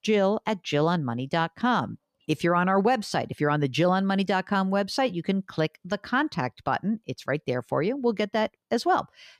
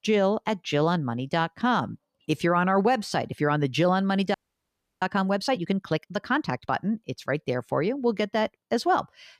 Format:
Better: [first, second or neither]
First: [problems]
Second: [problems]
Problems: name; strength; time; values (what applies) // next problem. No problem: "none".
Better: first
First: none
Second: audio freezing; at 4.5 s for 0.5 s